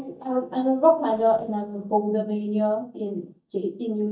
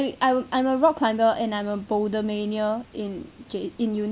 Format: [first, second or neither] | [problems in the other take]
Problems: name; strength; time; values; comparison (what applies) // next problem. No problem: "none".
second | noise reduction (neural mask model DeepFilterNet 3)